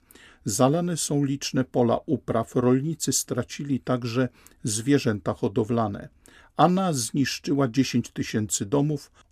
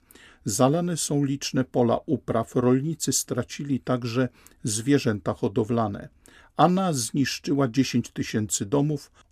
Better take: neither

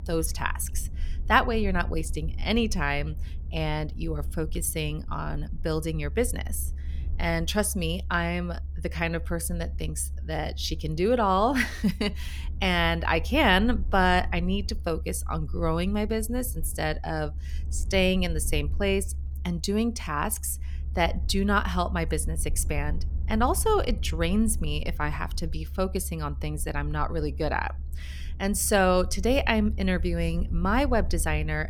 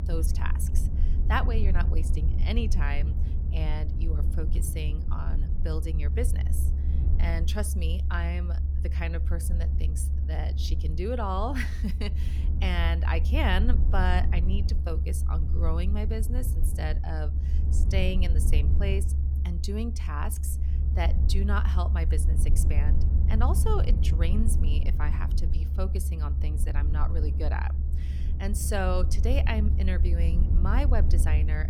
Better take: first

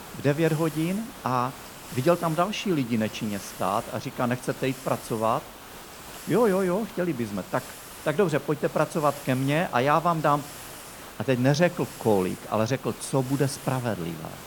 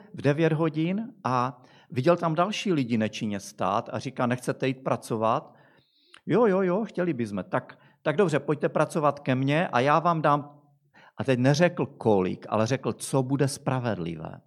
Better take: second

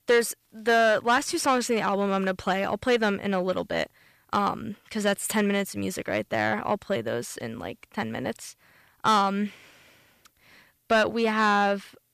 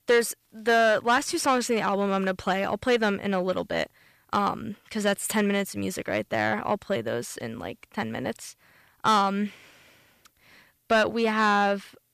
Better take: neither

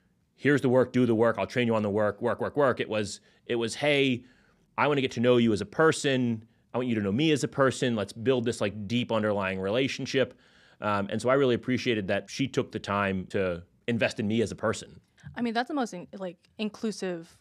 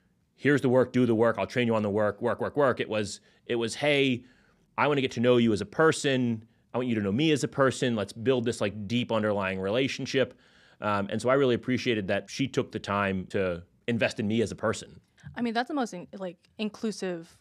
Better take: neither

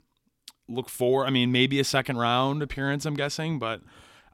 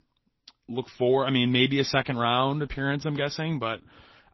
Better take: first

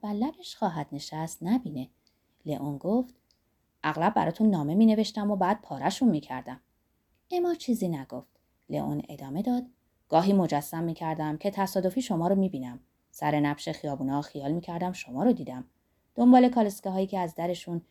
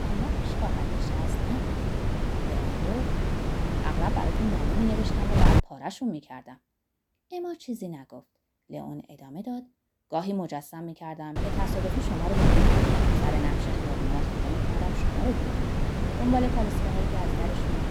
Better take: first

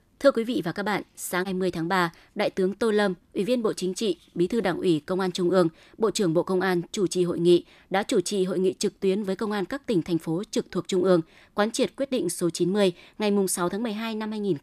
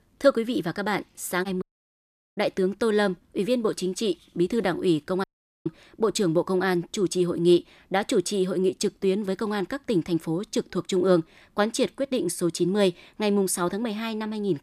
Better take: first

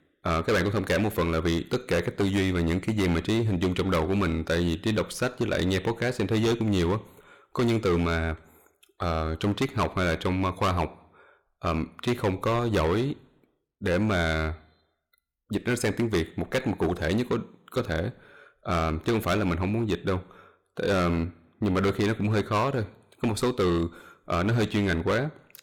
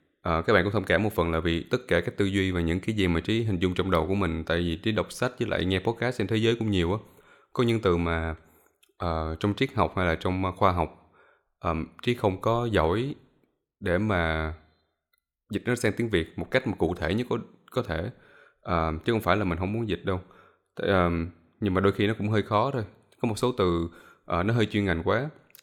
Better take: second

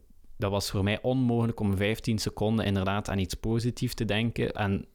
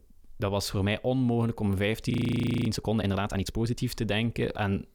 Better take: first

